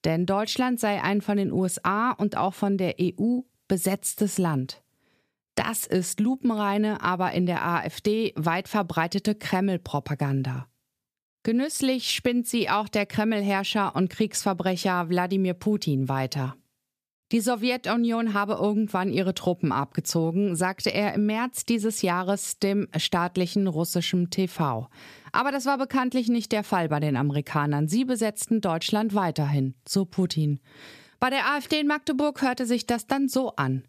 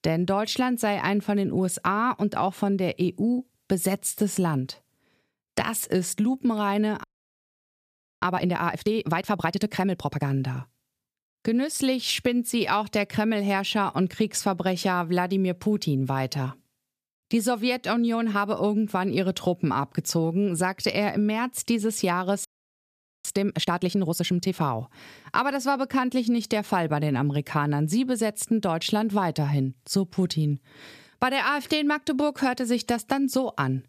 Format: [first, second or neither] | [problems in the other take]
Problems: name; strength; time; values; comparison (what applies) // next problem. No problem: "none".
first | audio freezing; at 7 s for 1 s and at 22 s for 1 s